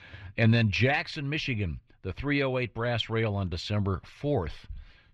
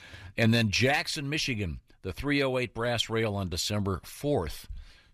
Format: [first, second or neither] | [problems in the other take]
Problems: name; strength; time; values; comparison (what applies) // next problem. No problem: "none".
second | muffled; very slightly; fading above 3 kHz